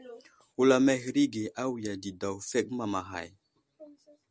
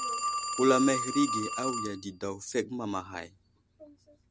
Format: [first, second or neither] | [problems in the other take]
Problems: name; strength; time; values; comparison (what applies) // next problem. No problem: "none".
first | background sound (Telephone); 4 dB below the speech